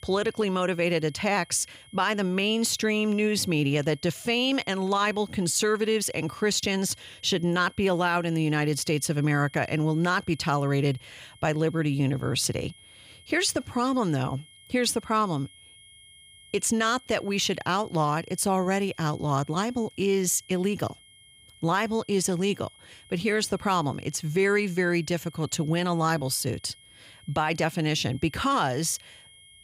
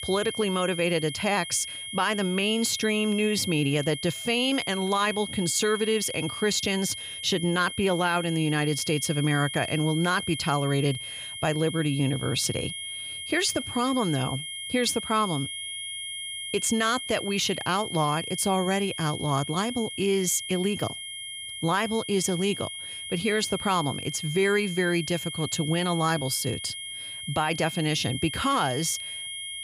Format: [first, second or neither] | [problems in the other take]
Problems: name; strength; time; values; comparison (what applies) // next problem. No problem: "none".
first | high-pitched whine; loud; throughout; 3 kHz, 7 dB below the speech; faint in the first